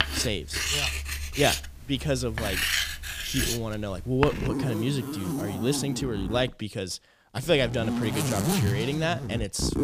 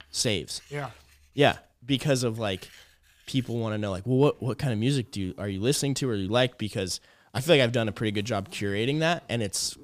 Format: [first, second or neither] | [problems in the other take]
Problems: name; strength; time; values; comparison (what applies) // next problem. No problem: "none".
second | household noises; loud; throughout; as loud as the speech; faint in the second